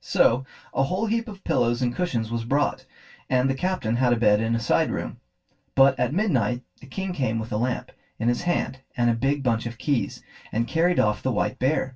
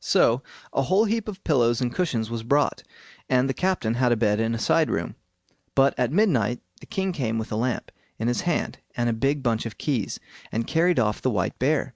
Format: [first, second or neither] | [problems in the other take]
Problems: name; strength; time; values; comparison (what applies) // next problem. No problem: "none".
second | room echo; dies away in 0.1 s